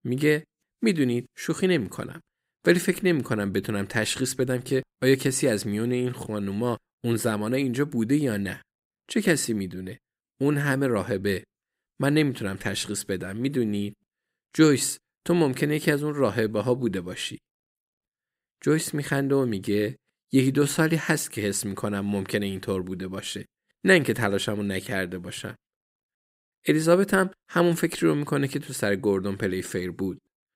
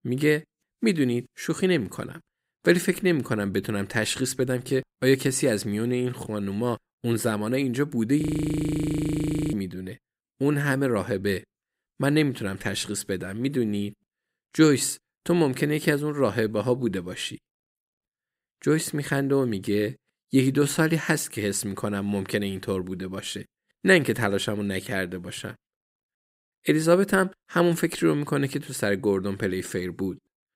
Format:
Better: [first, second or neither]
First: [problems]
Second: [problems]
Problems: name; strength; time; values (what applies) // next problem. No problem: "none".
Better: first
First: none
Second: audio freezing; at 8 s for 1.5 s